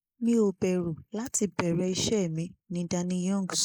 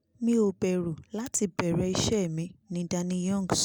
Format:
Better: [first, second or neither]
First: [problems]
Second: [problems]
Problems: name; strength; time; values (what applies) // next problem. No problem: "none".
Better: second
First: noise reduction (neural mask model Resemble Enhance denoiser)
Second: none